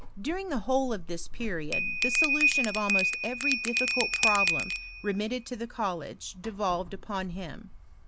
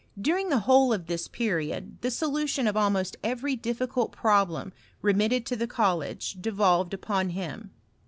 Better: second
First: background sound (Bell); 2 dB above the speech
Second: none

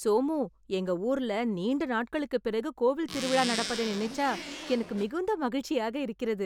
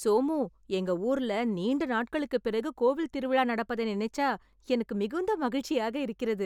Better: second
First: background sound (Zipper (clothing)); 8 dB below the speech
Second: none

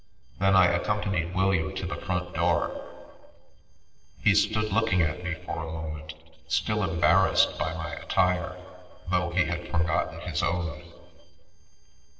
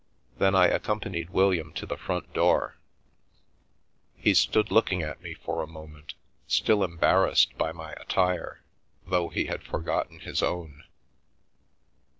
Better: second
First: noise reduction (neural separator model SepFormer DNS4)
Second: none

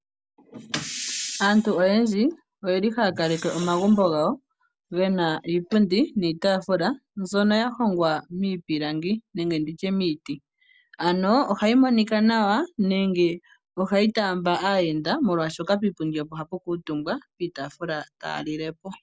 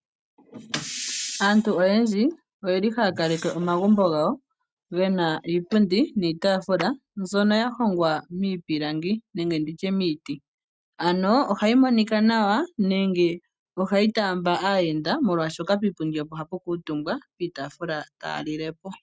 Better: first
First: none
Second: noise reduction (neural mask model RNNoise)

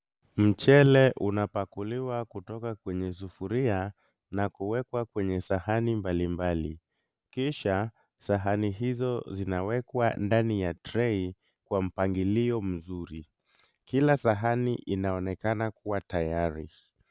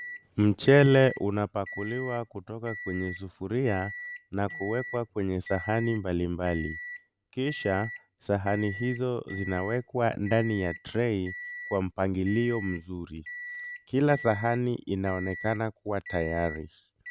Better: first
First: none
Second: background sound (Microwave oven); 13 dB below the speech

